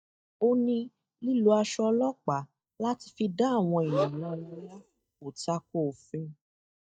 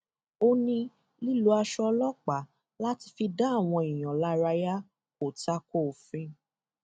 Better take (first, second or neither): second